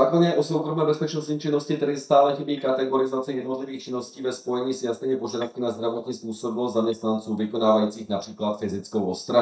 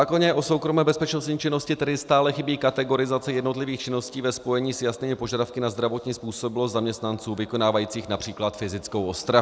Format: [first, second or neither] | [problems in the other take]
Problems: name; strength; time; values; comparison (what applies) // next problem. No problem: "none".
second | noise reduction (neural mask model DeepFilterNet 3)